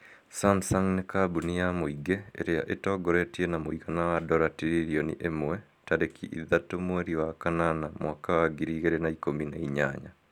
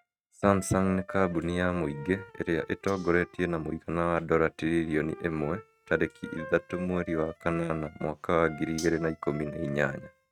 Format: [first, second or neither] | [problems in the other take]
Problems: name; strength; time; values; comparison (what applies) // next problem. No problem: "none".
first | noise reduction (neural mask model RNNoise)